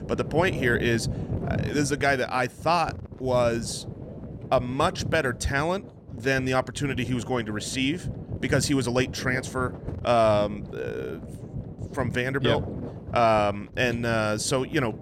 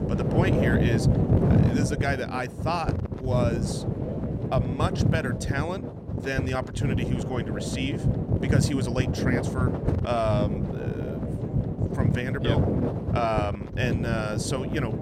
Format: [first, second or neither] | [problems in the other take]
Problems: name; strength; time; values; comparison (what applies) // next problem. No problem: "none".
first | wind noise on the microphone; heavy; 3 dB below the speech; occasional gusts in the first